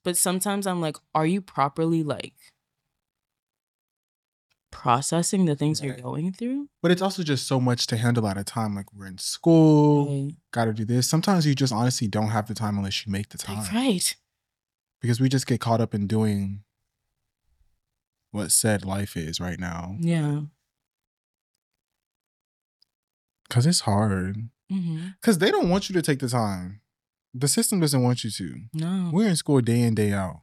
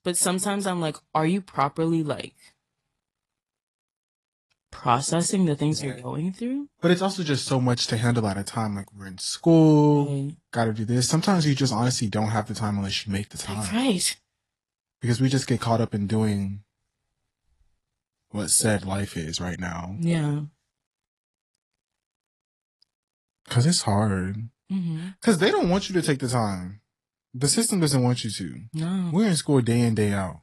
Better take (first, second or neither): first